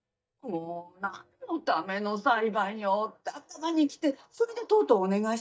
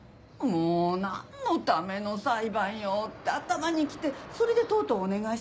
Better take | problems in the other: second | noise reduction (neural mask model DeepFilterNet 3)

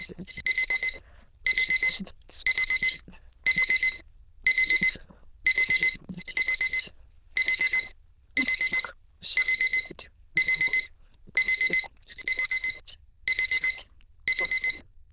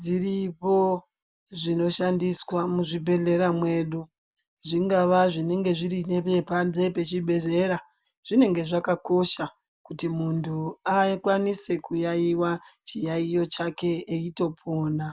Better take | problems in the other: second | noise reduction (neural diffusion model UNIVERSE++)

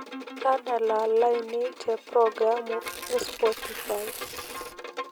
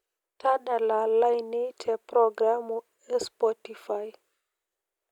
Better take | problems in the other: second | background sound (Tearing + Bowed string instrument); 11 dB below the speech

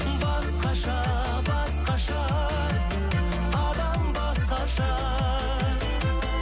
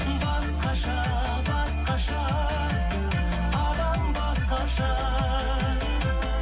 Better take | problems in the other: first | room echo; dies away in 0.2 s

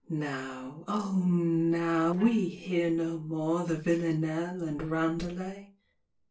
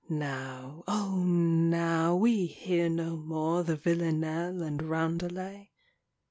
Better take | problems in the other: second | noise reduction (neural separator model SepFormer DNS4)

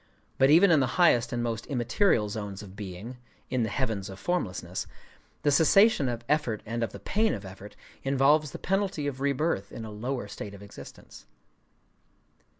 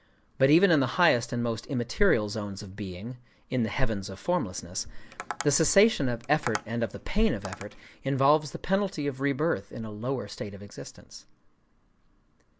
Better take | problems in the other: first | background sound (Tap); 14 dB below the speech

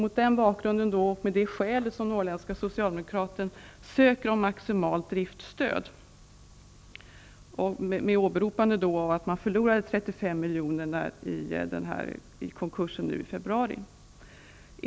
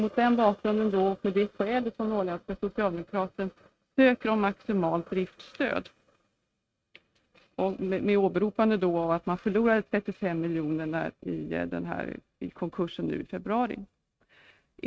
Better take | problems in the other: first | noise reduction (neural mask model RNNoise)

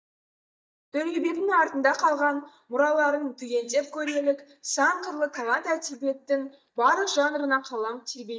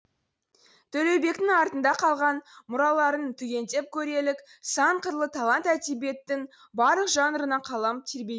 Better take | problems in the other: second | noise reduction (neural mask model DeepFilterNet 3)

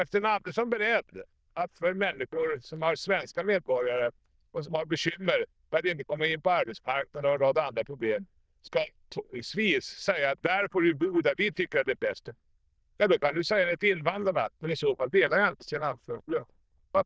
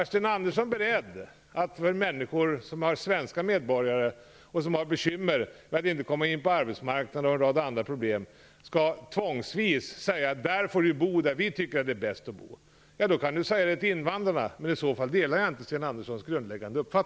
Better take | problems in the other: second | noise reduction (neural diffusion model UNIVERSE++)

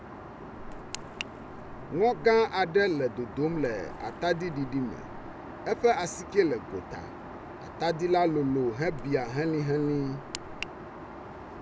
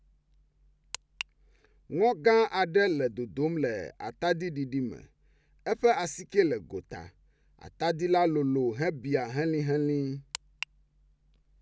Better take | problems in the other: second | background sound (Aircraft + Splash, splatter); 12 dB below the speech

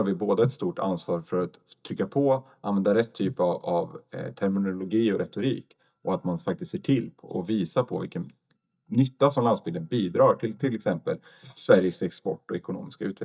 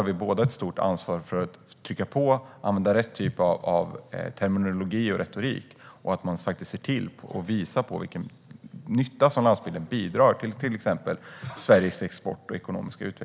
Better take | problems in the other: second | noise reduction (neural mask model DeepFilterNet 3)

